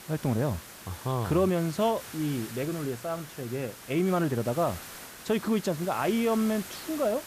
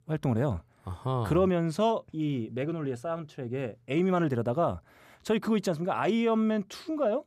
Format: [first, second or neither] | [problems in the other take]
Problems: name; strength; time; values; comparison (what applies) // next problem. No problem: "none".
second | hiss; noticeable; throughout; 15 dB below the speech